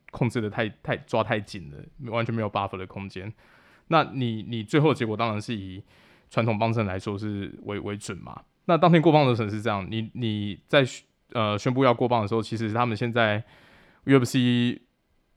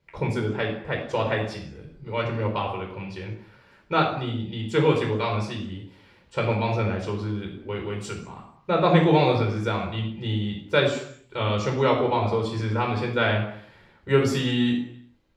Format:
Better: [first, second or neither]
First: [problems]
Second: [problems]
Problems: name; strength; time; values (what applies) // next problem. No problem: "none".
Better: first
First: none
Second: room echo; noticeable; dies away in 0.6 s // off-mic speech; far